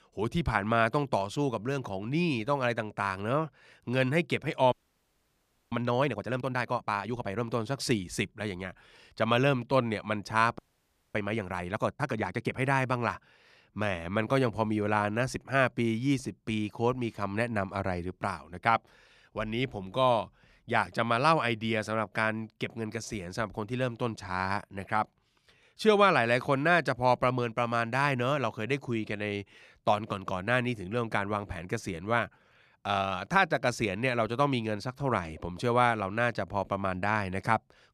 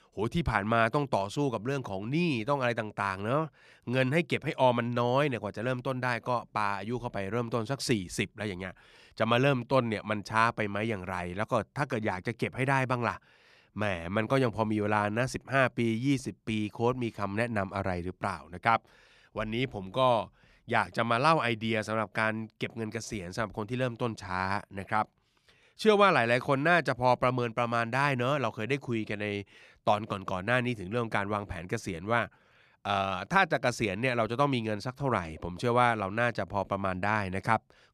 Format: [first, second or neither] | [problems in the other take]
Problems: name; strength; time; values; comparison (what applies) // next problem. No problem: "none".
second | audio freezing; at 4.5 s for 1 s and at 11 s for 0.5 s